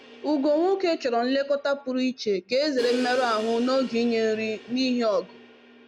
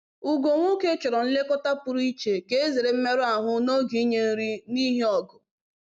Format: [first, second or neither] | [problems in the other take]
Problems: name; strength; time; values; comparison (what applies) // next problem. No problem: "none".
second | background sound (Crash cymbal); 17 dB below the speech